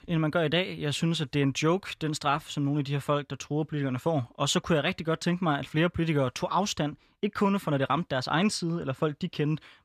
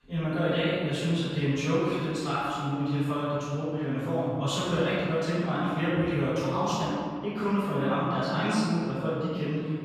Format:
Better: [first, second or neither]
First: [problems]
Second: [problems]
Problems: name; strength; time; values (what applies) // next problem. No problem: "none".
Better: first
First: none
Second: room echo; strong; dies away in 2 s // off-mic speech; far